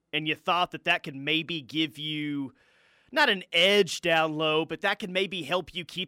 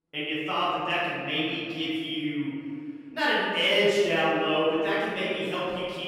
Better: first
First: none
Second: room echo; strong; dies away in 2.2 s // off-mic speech; far

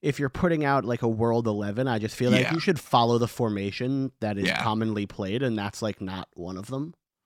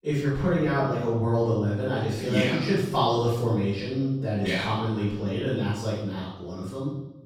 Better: first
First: none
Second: off-mic speech; far // room echo; strong; dies away in 0.9 s

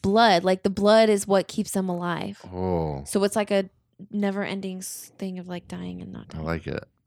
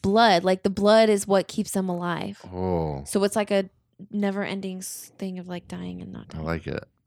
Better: neither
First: none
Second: none

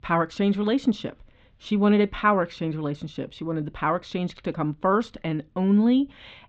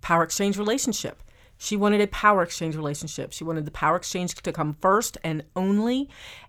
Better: second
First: muffled; slightly; fading above 3.5 kHz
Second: none

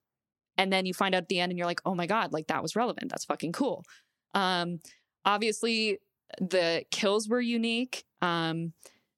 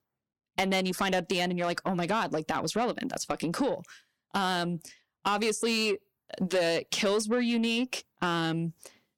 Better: first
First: none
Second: distortion; slight; 10 dB below the speech

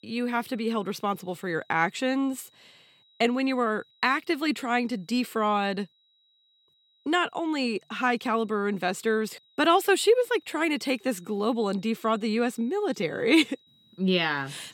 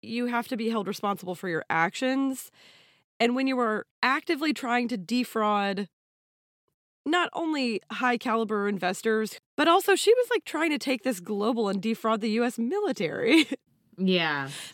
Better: second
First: high-pitched whine; faint; throughout; 4 kHz, 35 dB below the speech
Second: none

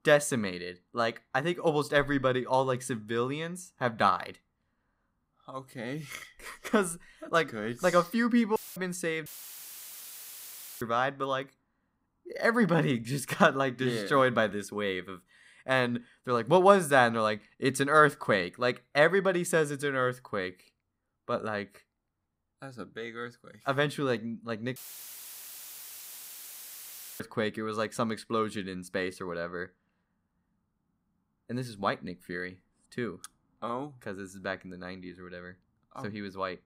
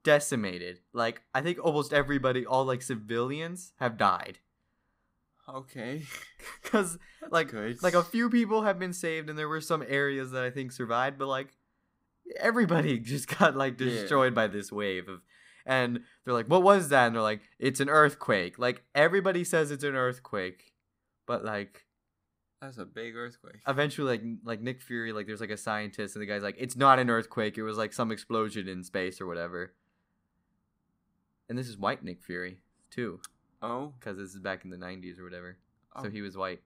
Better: second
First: audio cutting out; filled with static; at 8.5 s, at 9.5 s for 1.5 s and at 25 s for 2.5 s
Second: none

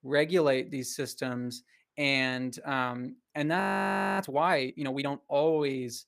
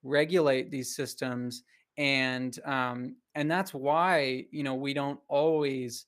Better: second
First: audio freezing; at 3.5 s for 0.5 s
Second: none

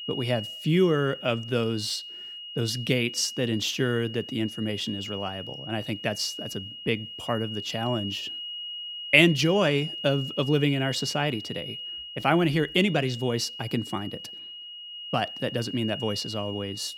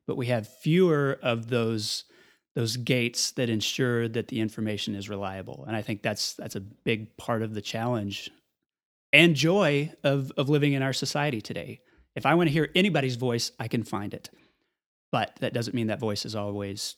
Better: second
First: high-pitched whine; loud; throughout; 3 kHz, 9 dB below the speech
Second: none

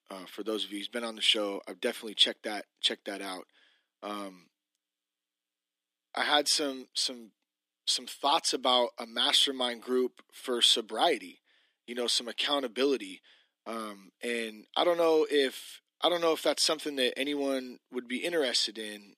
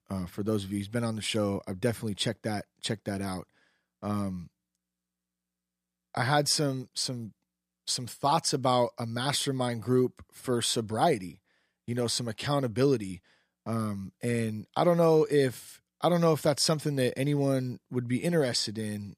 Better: second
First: thin; somewhat; fading below 250 Hz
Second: none

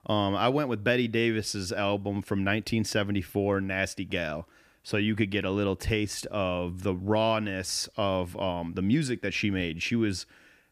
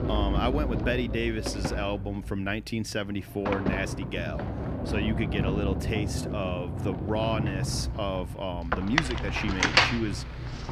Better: first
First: none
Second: household noises; very loud; throughout; 1 dB above the speech

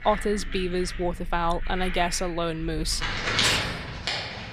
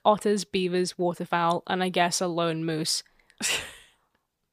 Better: second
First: household noises; loud; throughout; 2 dB below the speech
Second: none

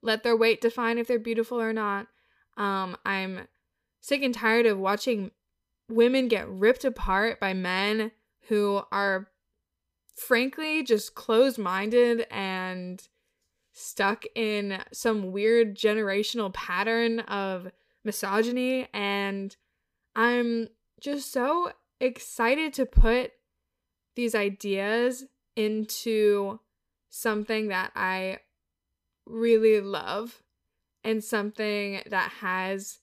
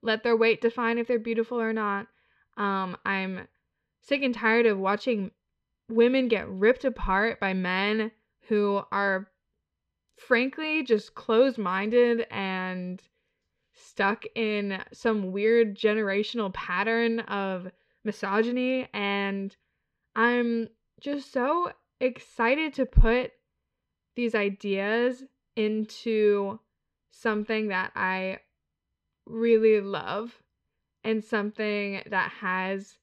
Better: first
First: none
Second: muffled; very slightly; fading above 3 kHz

